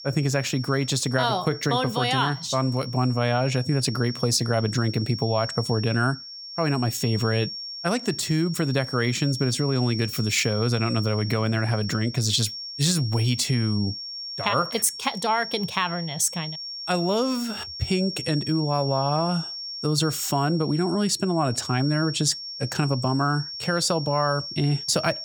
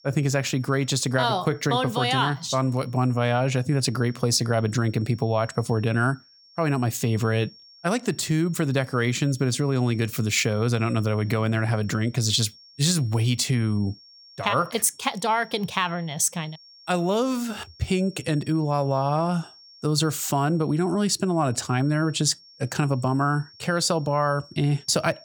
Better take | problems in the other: second | high-pitched whine; loud; throughout; 5.5 kHz, 9 dB below the speech; faint in the second

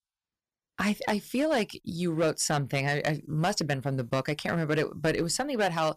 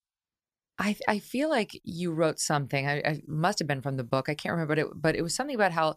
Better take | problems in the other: second | distortion; slight; 6% of the sound clipped

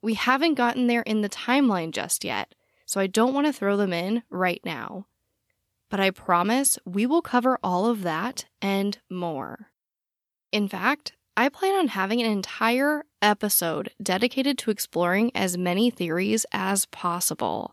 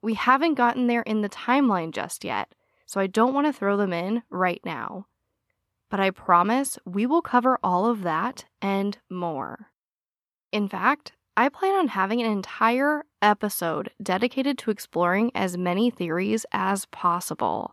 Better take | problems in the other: first | muffled; slightly; fading above 3 kHz

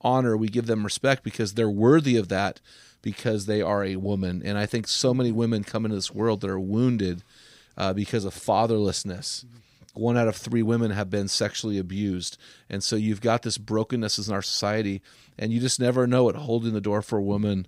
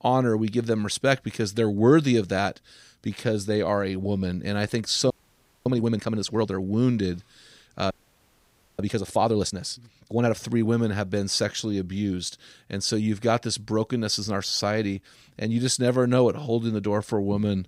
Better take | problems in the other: first | audio freezing; at 5 s for 0.5 s and at 8 s for 1 s

